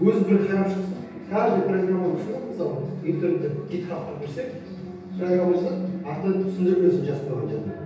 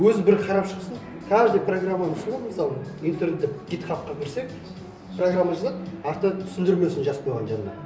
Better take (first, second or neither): second